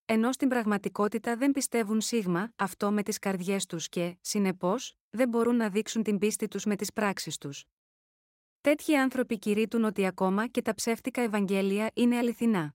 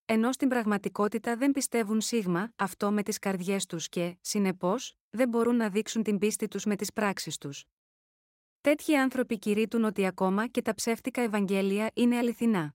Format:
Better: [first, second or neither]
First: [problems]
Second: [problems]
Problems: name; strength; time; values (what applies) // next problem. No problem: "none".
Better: neither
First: none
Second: none